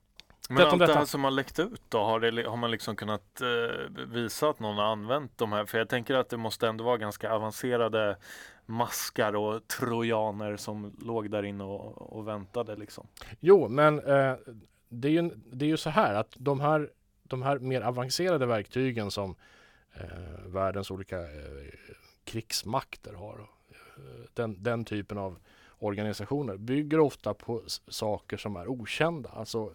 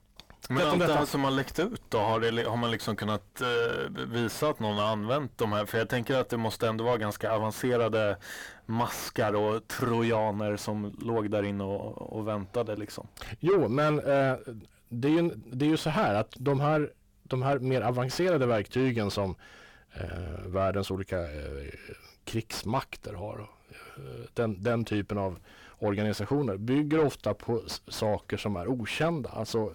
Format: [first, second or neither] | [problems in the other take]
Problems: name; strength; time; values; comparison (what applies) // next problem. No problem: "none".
first | distortion; heavy; 6 dB below the speech